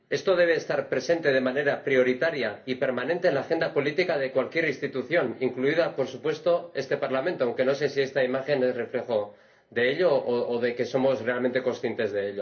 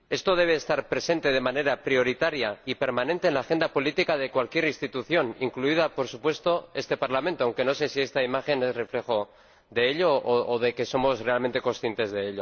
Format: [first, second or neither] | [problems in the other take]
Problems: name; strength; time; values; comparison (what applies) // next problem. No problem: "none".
second | room echo; dies away in 0.3 s